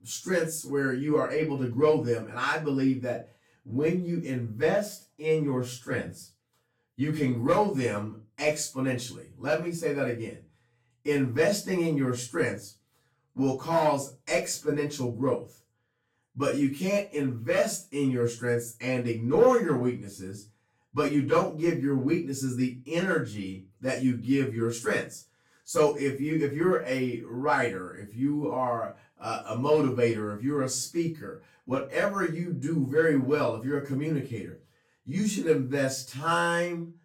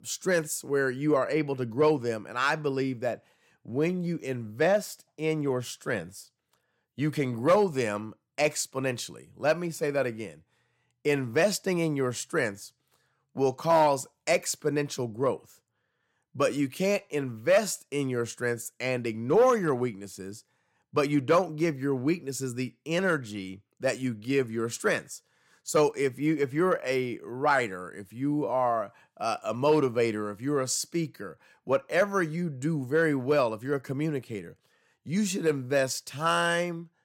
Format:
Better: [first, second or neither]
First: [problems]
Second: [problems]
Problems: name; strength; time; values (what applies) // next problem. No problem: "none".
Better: second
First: room echo; slight; dies away in 0.2 s // off-mic speech; far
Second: none